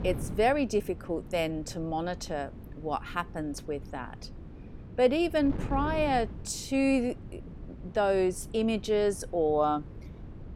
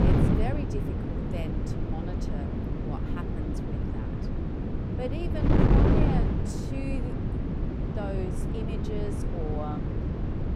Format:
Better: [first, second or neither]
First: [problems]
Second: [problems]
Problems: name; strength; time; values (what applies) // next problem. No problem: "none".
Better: first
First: wind noise on the microphone; occasional gusts; 20 dB below the speech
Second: wind noise on the microphone; heavy; 4 dB above the speech